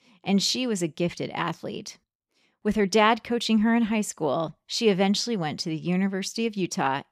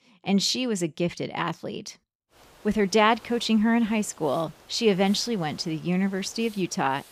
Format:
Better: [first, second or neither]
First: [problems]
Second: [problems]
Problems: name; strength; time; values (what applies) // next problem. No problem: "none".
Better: first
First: none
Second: hiss; faint; from 2.5 s on; 25 dB below the speech